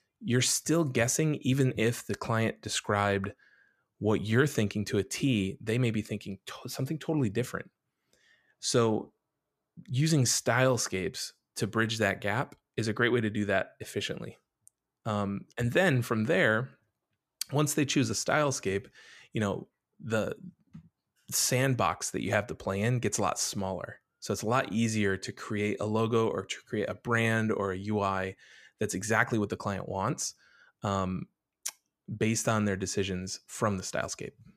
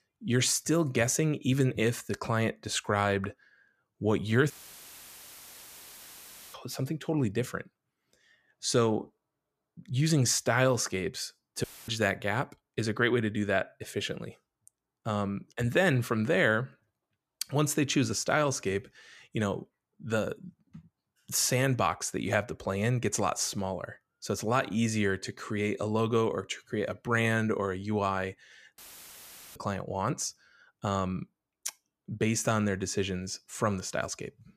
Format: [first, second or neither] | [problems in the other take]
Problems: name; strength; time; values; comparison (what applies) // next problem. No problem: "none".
first | audio cutting out; filled with static; at 4.5 s for 2 s, at 12 s and at 29 s for 1 s